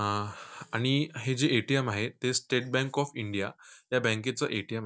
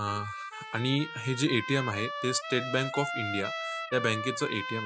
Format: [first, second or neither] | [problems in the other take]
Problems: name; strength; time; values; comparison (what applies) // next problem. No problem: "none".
first | noise reduction (classical method spectral subtraction)